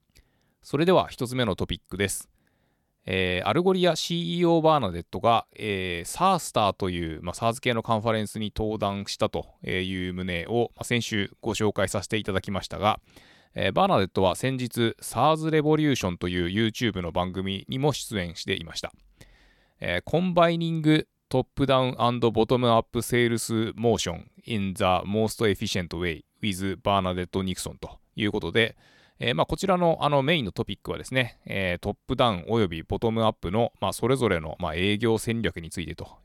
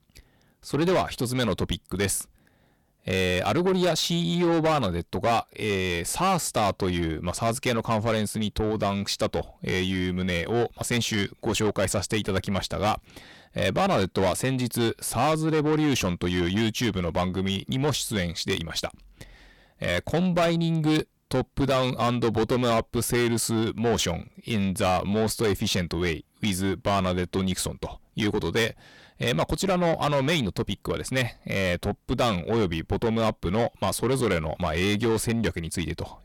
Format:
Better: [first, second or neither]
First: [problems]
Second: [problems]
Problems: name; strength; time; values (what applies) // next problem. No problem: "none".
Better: first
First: none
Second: distortion; heavy; 7 dB below the speech